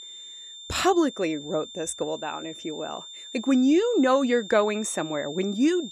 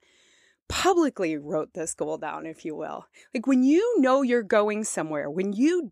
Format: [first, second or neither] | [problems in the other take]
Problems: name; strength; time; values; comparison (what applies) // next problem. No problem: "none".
second | high-pitched whine; noticeable; throughout; 3.5 kHz, 15 dB below the speech